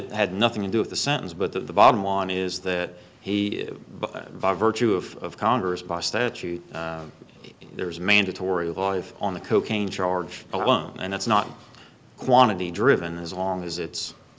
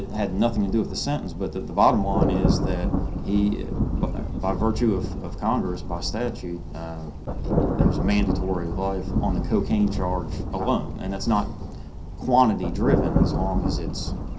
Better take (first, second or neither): first